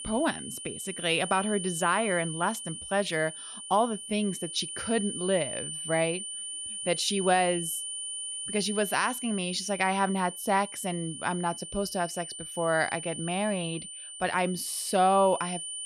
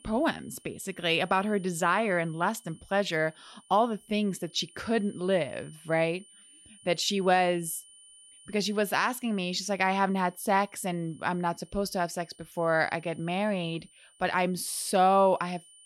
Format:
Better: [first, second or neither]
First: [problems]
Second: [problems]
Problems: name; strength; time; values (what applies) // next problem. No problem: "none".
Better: second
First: high-pitched whine; loud; throughout; 9 kHz, 7 dB below the speech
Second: high-pitched whine; faint; throughout; 9 kHz, 25 dB below the speech